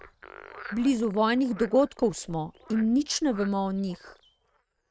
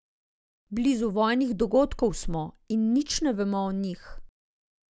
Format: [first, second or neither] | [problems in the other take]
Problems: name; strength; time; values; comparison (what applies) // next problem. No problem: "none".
second | noise reduction (neural mask model RNNoise)